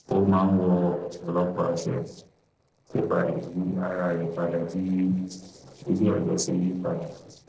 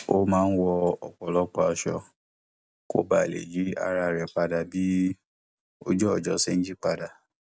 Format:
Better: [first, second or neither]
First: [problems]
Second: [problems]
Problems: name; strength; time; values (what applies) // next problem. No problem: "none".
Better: second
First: noise reduction (neural separator model SepFormer DNS4)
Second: none